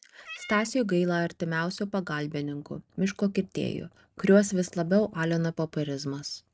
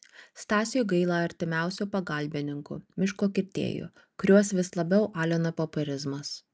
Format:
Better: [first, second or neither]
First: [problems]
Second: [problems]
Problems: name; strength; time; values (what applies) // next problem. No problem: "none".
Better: second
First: noise reduction (neural mask model RNNoise)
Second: none